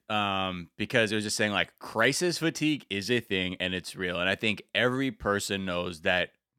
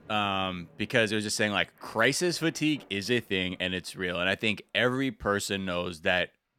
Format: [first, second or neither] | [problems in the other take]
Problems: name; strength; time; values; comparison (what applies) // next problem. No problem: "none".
first | rain or running water; faint; throughout; 30 dB below the speech